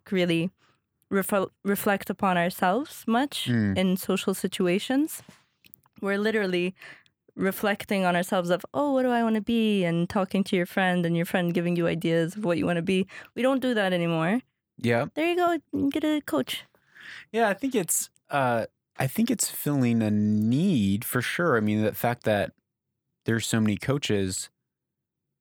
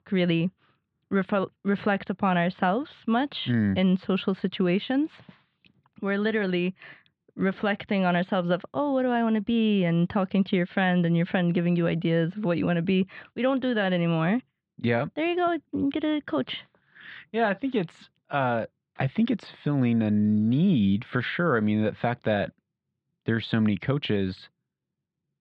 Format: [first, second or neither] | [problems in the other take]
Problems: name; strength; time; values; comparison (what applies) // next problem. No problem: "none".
first | muffled; slightly; fading above 4 kHz